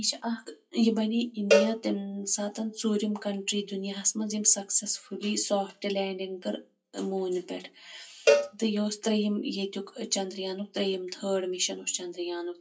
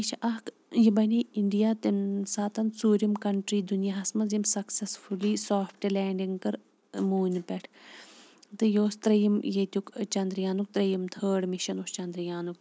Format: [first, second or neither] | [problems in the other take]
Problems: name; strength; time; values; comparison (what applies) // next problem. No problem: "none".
second | noise reduction (classical method WPE with log-MMSE)